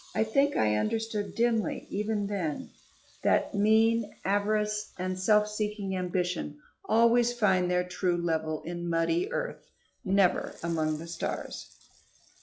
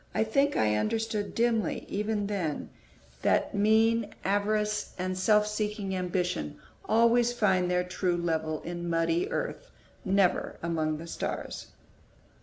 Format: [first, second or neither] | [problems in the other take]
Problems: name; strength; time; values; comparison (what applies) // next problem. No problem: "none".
second | noise reduction (classical method log-MMSE)